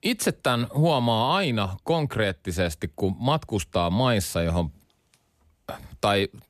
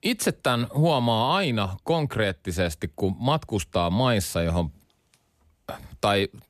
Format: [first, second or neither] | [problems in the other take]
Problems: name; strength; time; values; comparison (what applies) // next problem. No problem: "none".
neither | none